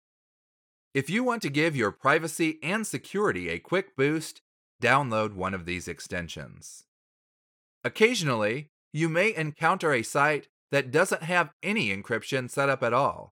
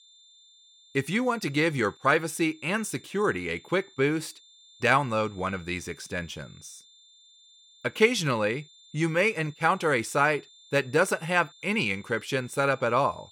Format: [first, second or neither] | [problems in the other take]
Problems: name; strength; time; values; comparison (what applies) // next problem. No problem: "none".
first | high-pitched whine; faint; throughout; 3.5 kHz, 25 dB below the speech